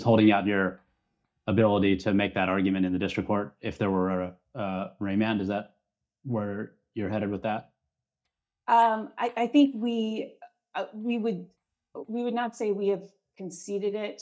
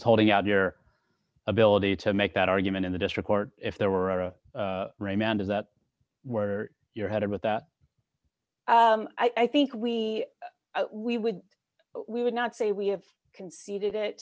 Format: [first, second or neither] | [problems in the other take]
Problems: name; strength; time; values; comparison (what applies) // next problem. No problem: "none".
second | noise reduction (neural mask model DeepFilterNet 3)